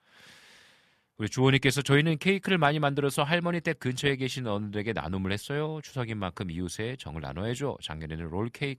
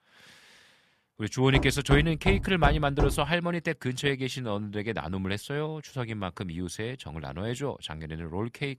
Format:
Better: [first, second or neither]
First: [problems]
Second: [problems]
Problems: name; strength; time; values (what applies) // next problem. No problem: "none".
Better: first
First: none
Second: door banging; noticeable; from 1.5 to 3 s; peak 1 dB below the speech